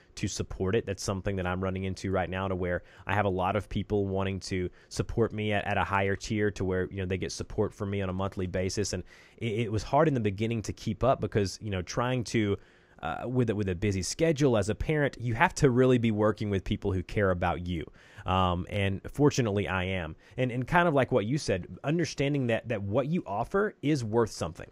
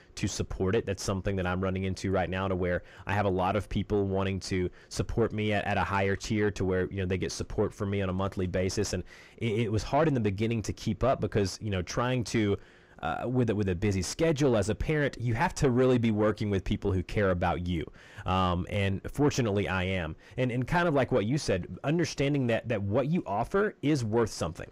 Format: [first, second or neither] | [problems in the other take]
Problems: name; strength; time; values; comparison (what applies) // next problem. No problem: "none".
first | distortion; slight; 10 dB below the speech